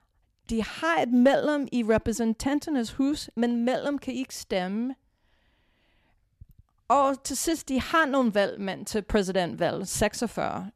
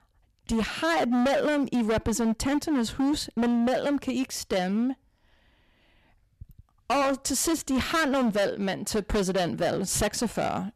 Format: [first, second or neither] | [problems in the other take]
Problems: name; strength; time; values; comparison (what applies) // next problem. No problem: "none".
first | distortion; heavy; 17% of the sound clipped